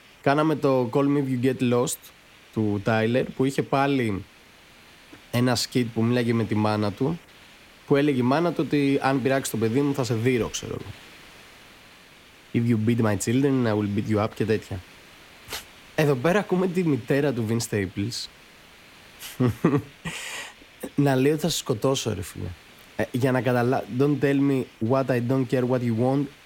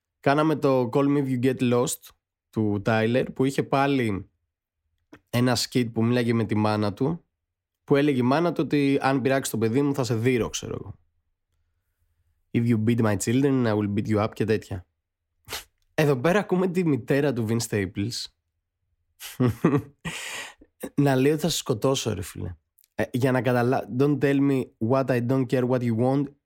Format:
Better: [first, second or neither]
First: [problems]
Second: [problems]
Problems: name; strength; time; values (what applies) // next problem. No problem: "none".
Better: second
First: hiss; faint; throughout; 25 dB below the speech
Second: none